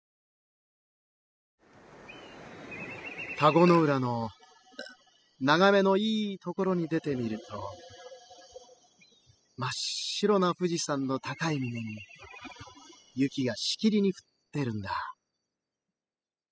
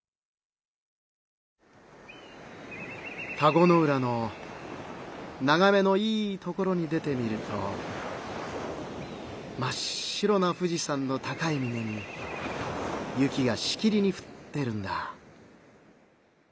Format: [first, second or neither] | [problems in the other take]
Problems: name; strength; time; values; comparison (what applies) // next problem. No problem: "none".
second | noise reduction (classical method spectral subtraction)